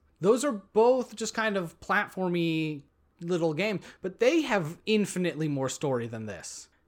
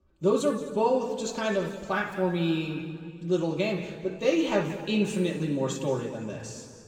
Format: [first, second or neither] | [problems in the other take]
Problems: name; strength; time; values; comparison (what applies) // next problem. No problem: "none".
first | room echo; noticeable; dies away in 1.9 s // off-mic speech; far